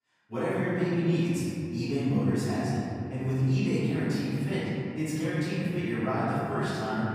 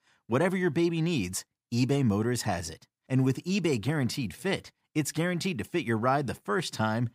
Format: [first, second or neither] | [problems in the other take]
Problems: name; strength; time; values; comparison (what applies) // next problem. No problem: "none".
second | off-mic speech; far // room echo; strong; dies away in 3 s